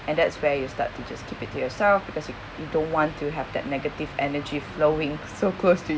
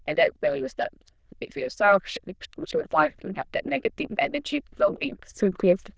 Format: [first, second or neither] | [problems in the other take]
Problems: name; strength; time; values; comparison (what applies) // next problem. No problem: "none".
first | noise reduction (neural diffusion model UNIVERSE++)